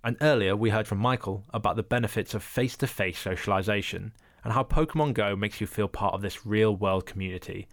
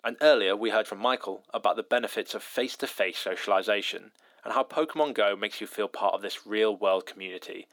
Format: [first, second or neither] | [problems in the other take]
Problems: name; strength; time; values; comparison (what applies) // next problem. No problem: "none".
first | thin; very; fading below 250 Hz